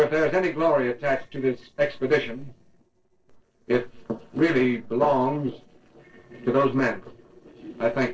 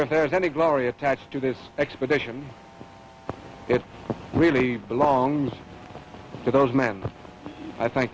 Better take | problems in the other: second | noise reduction (neural separator model SepFormer DNS4)

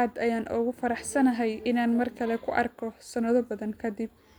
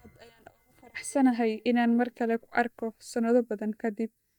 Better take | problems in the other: first | noise reduction (neural mask model DeepFilterNet 3)

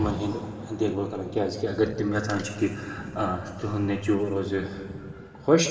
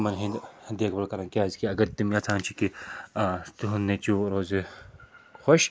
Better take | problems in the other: second | background sound (Rain); 14 dB below the speech // room echo; dies away in 2.6 s

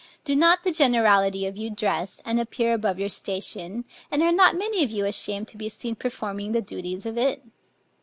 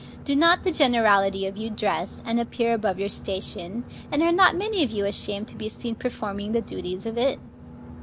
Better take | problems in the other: first | background sound (Boat, Water vehicle); 16 dB below the speech

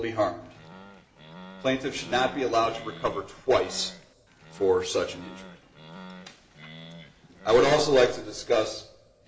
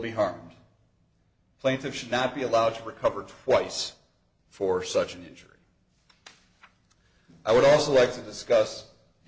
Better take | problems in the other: second | background sound (Animal); 19 dB below the speech // room echo; dies away in 0.5 s

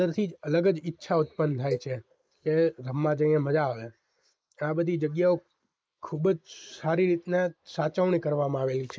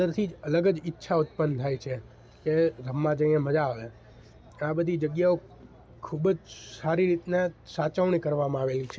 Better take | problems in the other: second | noise reduction (neural mask model Resemble Enhance denoiser)

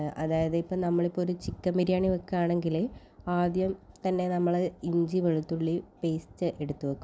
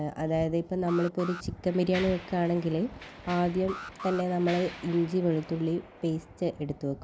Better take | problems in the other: first | background sound (Alarm + Mechanisms); 15 dB below the speech

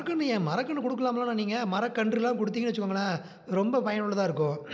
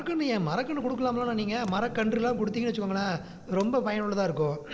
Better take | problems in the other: first | background sound (Boom + Fire); 16 dB below the speech

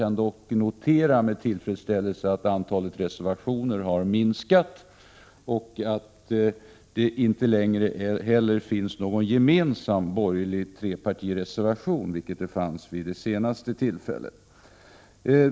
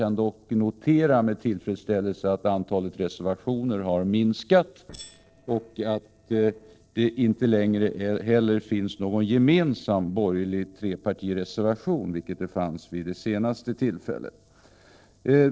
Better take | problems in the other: first | noise reduction (neural separator model SepFormer DNS4)

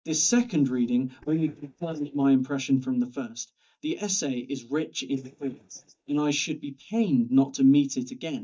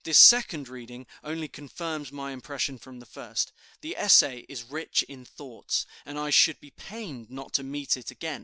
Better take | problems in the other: second | noise reduction (neural mask model DeepFilterNet 3)

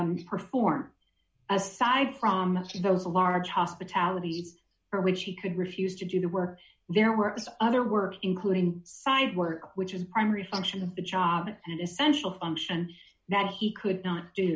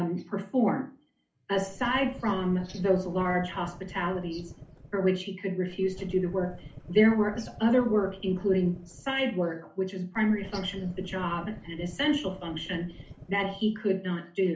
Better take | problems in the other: first | background sound (Engine starting / Car); 17 dB below the speech // room echo; dies away in 0.3 s

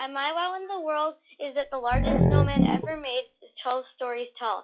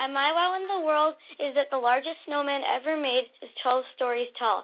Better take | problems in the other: second | noise reduction (classical method log-MMSE)

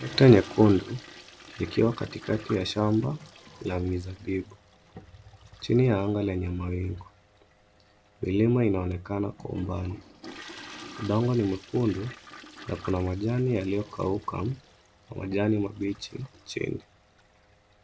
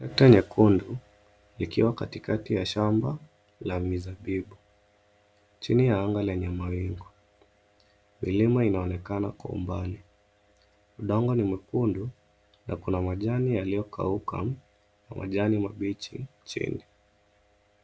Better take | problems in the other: second | background sound (Toilet flush); 20 dB below the speech

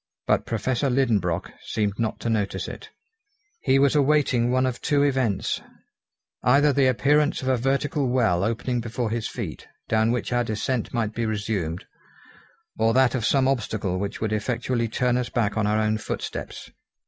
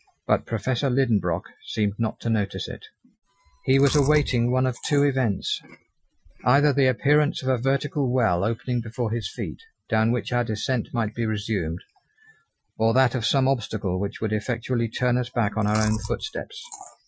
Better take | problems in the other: first | noise reduction (classical method Wiener filter)

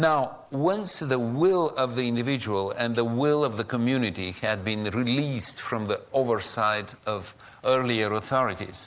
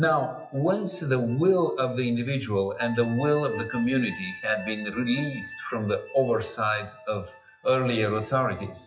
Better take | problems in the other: first | noise reduction (classical method WPE with log-MMSE)

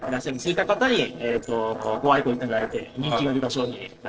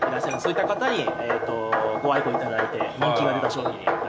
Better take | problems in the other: second | noise reduction (neural separator model SepFormer DNS4)

